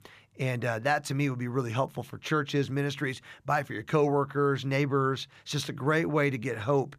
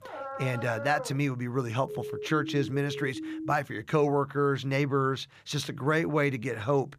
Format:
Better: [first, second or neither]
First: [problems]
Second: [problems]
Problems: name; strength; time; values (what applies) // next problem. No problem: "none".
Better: first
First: none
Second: dog barking; noticeable; until 1 s; peak 8 dB below the speech // siren; noticeable; from 2 to 3.5 s; peak 8 dB below the speech